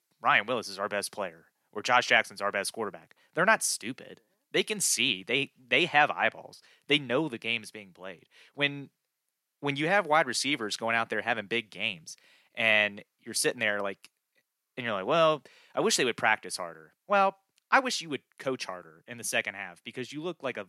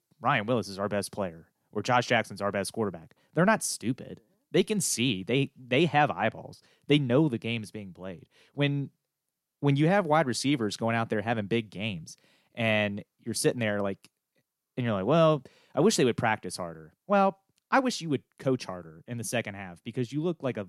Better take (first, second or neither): second